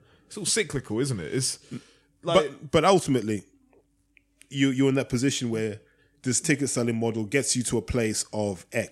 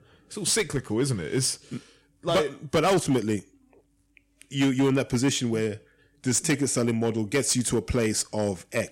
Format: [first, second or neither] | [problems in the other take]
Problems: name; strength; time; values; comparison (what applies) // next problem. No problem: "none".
first | distortion; slight; 5% of the sound clipped